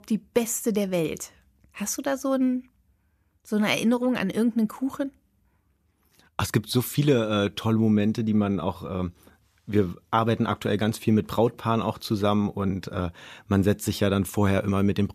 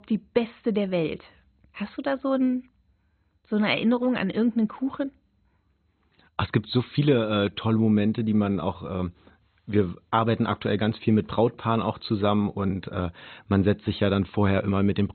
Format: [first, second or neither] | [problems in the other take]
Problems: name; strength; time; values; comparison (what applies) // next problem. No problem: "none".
first | garbled, watery; badly; nothing above 4 kHz